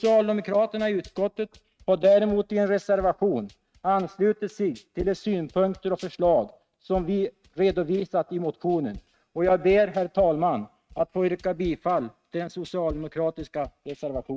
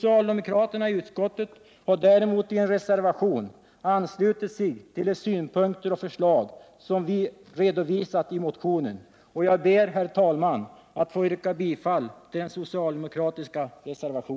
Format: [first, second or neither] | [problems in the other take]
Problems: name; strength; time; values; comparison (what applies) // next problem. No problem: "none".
second | noise reduction (neural mask model RNNoise)